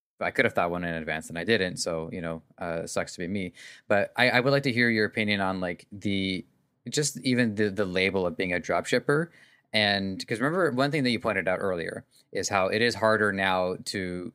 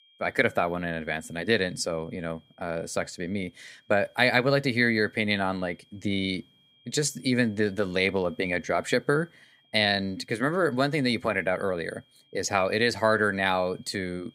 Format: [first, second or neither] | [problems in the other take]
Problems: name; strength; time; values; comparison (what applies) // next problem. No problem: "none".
first | high-pitched whine; faint; throughout; 3 kHz, 35 dB below the speech